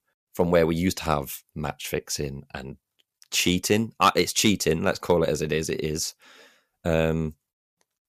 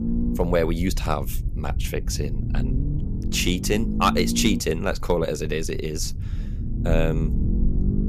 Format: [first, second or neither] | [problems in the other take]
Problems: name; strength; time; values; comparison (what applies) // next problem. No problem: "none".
first | low rumble; noticeable; throughout; 10 dB below the speech